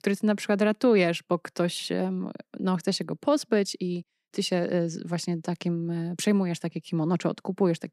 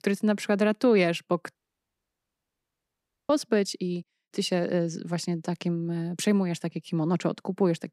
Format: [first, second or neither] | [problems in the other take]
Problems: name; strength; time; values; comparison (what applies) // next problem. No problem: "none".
first | audio cutting out; at 1.5 s for 1.5 s